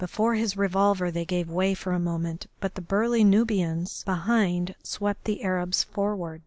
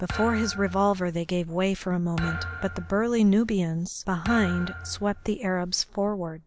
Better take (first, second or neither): first